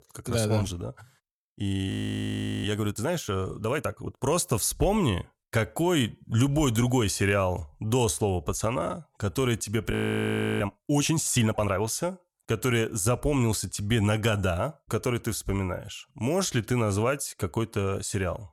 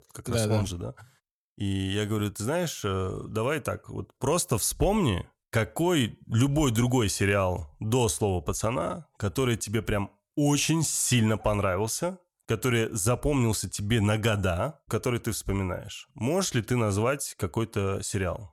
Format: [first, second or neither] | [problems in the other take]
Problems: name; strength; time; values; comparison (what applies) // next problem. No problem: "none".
second | audio freezing; at 2 s for 0.5 s and at 10 s for 0.5 s